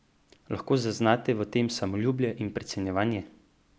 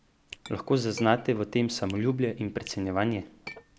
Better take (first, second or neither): first